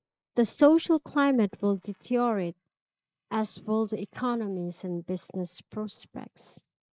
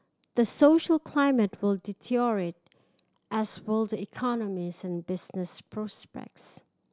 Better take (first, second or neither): second